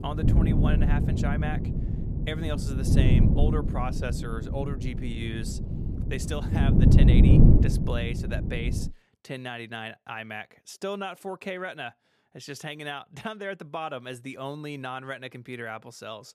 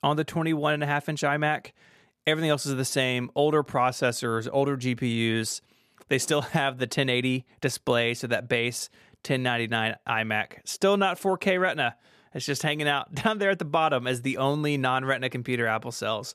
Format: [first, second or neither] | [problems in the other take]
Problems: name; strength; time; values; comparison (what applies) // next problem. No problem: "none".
second | wind noise on the microphone; heavy; until 9 s; 1 dB above the speech